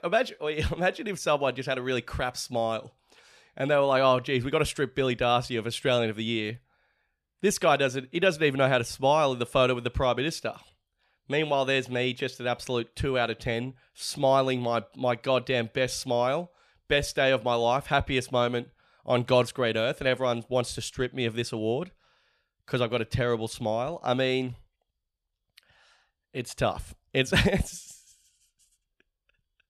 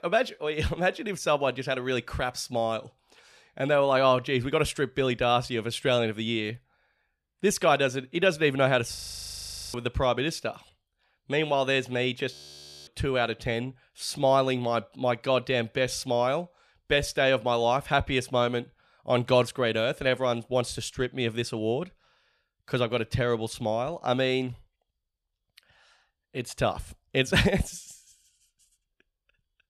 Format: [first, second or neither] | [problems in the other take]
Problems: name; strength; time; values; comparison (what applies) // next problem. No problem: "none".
first | audio freezing; at 9 s for 1 s and at 12 s for 0.5 s